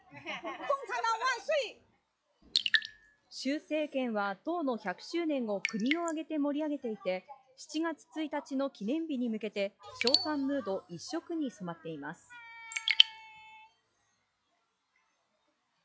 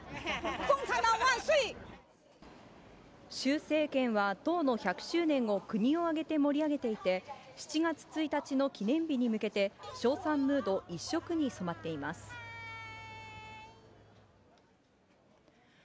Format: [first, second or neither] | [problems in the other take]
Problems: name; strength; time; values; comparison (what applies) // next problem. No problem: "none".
second | noise reduction (classical method log-MMSE)